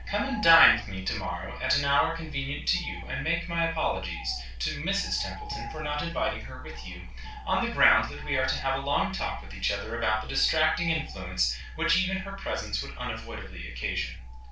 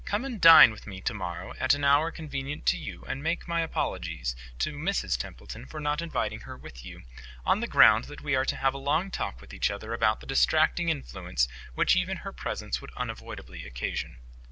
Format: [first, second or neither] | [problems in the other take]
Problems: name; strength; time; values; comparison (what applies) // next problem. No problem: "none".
second | background sound (Bird); 18 dB below the speech // room echo; dies away in 0.3 s